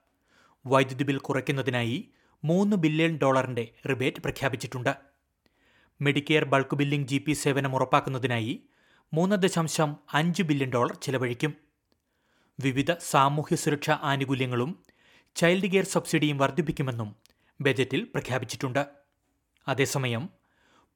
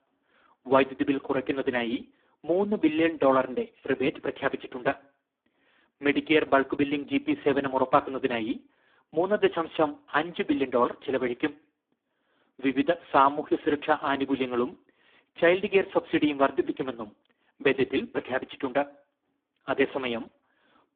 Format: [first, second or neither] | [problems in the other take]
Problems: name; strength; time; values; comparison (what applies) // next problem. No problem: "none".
first | phone-call audio; poor line